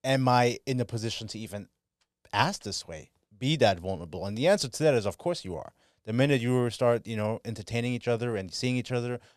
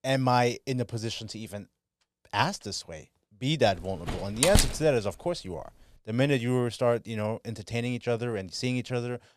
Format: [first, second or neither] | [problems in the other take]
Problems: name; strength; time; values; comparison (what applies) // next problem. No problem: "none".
first | door banging; loud; at 4 s; peak 4 dB above the speech